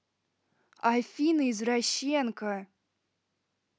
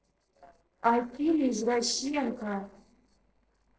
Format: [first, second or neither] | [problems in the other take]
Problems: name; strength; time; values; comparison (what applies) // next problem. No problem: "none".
first | noise reduction (neural separator model SepFormer DNS4)